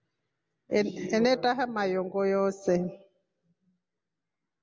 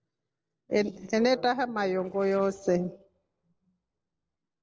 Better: first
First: none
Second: noise reduction (neural separator model SepFormer DNS4)

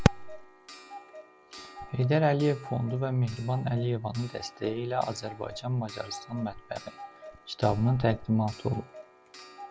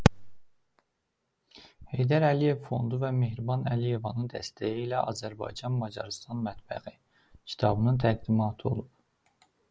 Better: second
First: background sound (Clock); 17 dB below the speech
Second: none

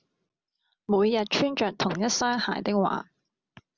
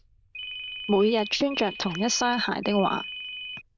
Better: first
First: none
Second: noise reduction (neural diffusion model UNIVERSE++)

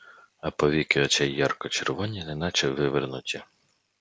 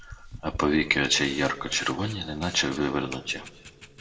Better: first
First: none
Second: background sound (Camera); 16 dB below the speech // room echo; dies away in 1.3 s

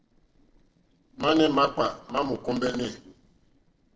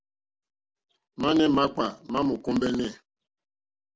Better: second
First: noise reduction (neural separator model SepFormer DNS4)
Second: none

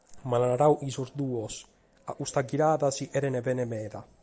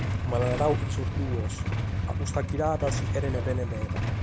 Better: first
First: none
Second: background sound (Idling / Engine starting / Motorcycle / Accelerating, revving, vroom); 3 dB above the speech

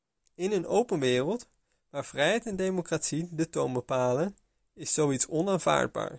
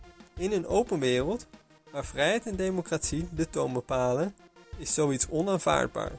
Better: first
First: none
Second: background sound (Drum kit); 16 dB below the speech

